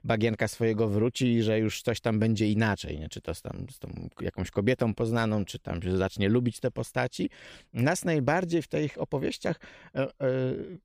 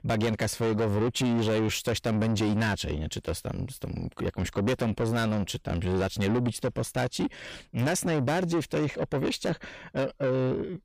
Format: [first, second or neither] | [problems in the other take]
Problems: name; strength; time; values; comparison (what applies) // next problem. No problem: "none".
first | distortion; heavy; 8 dB below the speech